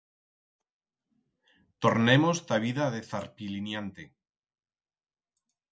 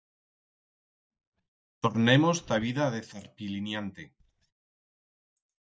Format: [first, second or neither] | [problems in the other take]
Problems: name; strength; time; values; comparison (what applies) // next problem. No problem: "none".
first | noise reduction (neural mask model DeepFilterNet 3)